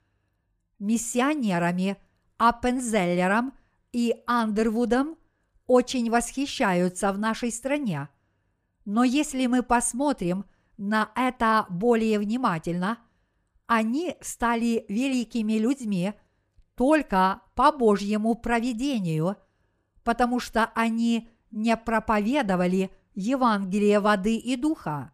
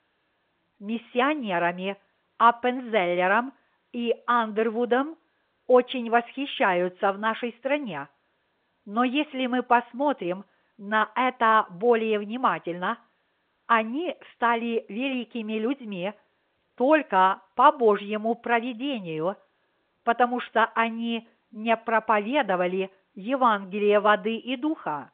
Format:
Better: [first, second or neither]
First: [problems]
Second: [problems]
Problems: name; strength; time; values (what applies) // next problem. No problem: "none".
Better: first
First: none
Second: phone-call audio; nothing above 3.5 kHz